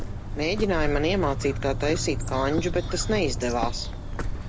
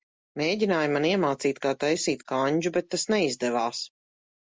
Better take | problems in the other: second | background sound (Bird); 2 dB below the speech

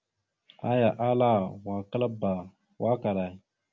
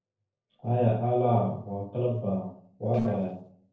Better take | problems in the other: first | noise reduction (neural separator model SepFormer DNS4)

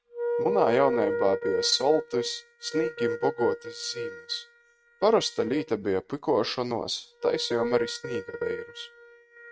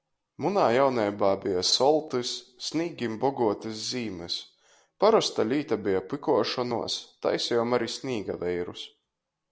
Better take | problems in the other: second | noise reduction (neural mask model RNNoise)

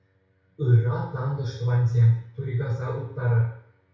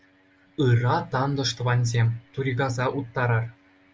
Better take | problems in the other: second | room echo; dies away in 0.6 s

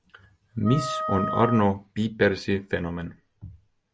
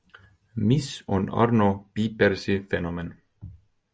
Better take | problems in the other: second | background sound (Wind instrument, woodwind instrument); 5 dB below the speech

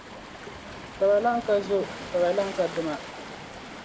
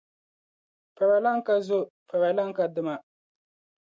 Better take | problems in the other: second | background sound (Waves, surf); 11 dB below the speech

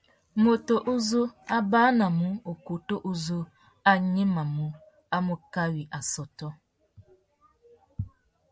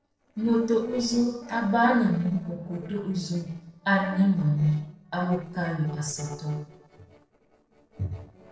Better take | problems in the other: first | noise reduction (neural separator model SepFormer DNS4)

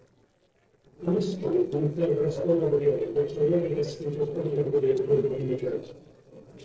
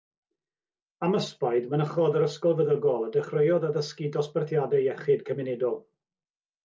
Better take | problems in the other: second | noise reduction (neural separator model SepFormer DNS4)

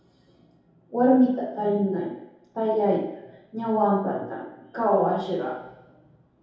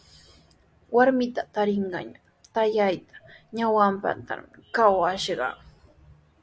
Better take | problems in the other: second | room echo; dies away in 0.8 s

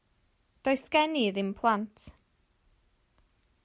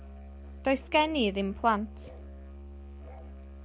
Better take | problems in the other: first | background sound (Musical instrument); 13 dB below the speech

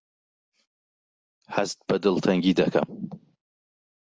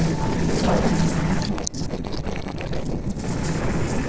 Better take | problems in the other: first | noise reduction (neural separator model SepFormer DNS4)

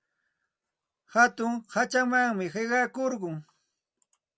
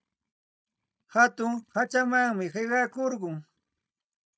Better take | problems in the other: first | noise reduction (neural mask model DeepFilterNet 3)

